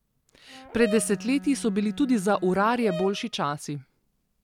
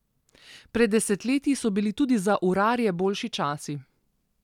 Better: second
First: background sound (Bowed string instrument + Brass instrument); 14 dB below the speech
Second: none

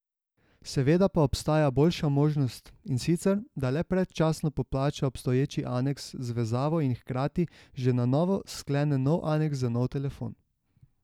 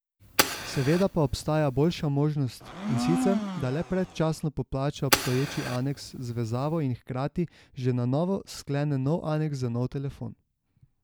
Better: first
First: none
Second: background sound (Fire + Domestic sounds, home sounds); 4 dB below the speech

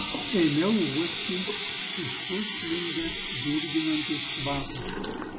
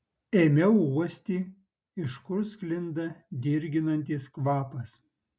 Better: second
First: background sound (Water tap, faucet); 3 dB below the speech // room echo; dies away in 1.2 s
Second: none

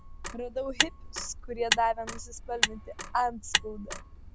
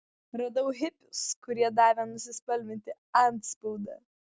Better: second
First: background sound (Motor vehicle (road)); as loud as the speech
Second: none

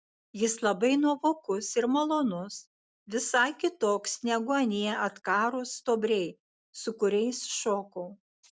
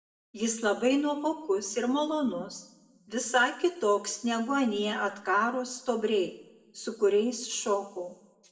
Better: first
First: none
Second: room echo; dies away in 0.7 s

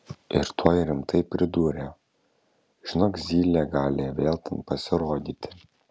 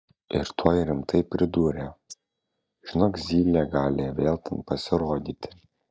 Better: first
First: none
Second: noise reduction (neural mask model DeepFilterNet 3)

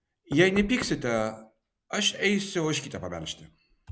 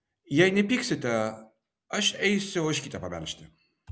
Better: second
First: background sound (Knock); 18 dB below the speech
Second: none

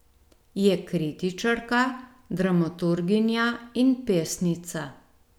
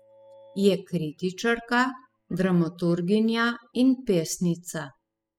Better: first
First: none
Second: noise reduction (classical method spectral subtraction)

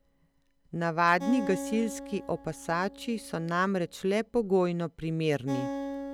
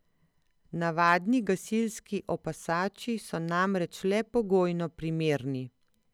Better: second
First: background sound (Acoustic guitar); 10 dB below the speech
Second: none

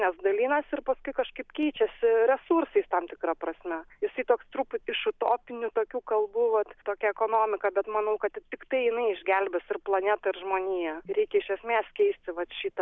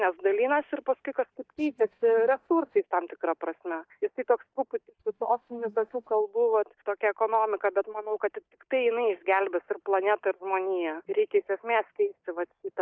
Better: first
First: none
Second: noise reduction (neural mask model DeepFilterNet 3)

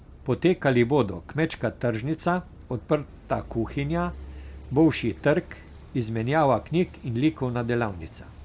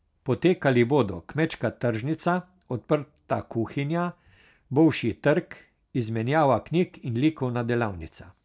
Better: second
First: background sound (Car passing by / Idling / Accelerating, revving, vroom); 18 dB below the speech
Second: none

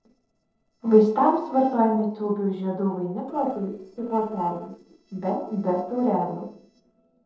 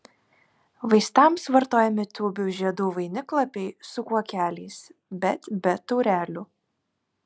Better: second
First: noise reduction (neural separator model SepFormer DNS4)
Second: none

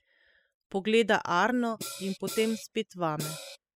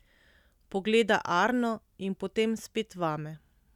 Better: second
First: noise reduction (classical method spectral subtraction)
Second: none

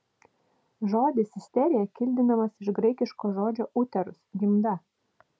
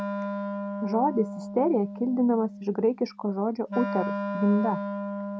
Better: first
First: none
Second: background sound (Wind instrument, woodwind instrument); 6 dB below the speech

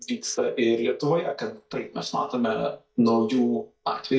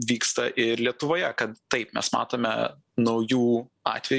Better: second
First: noise reduction (neural mask model DeepFilterNet 3)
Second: none

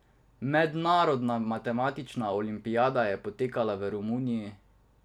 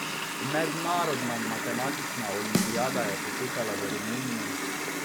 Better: first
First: none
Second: background sound (Snare drum + Water tap, faucet); 2 dB above the speech

